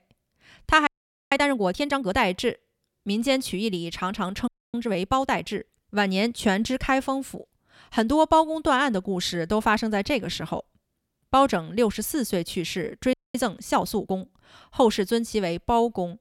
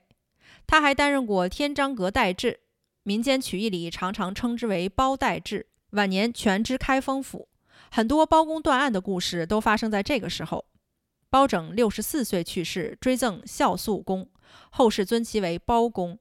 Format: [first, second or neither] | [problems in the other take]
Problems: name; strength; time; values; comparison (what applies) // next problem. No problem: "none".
second | audio freezing; at 1 s, at 4.5 s and at 13 s